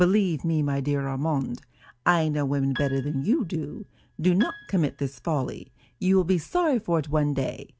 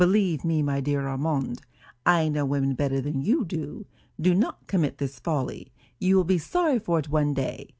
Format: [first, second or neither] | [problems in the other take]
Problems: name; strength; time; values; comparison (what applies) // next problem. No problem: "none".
second | background sound (Piano); 19 dB below the speech